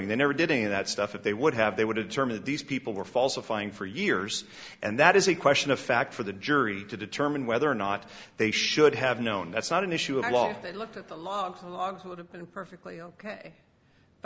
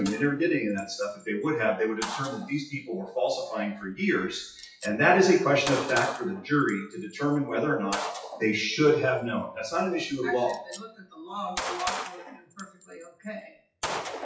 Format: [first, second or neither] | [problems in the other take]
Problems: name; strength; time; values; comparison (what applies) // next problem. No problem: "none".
first | noise reduction (classical method WPE with log-MMSE)